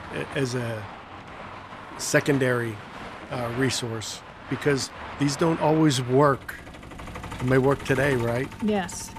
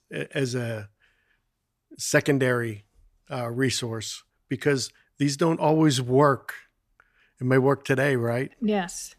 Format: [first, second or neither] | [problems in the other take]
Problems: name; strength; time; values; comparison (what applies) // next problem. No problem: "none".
second | traffic noise; noticeable; throughout; 15 dB below the speech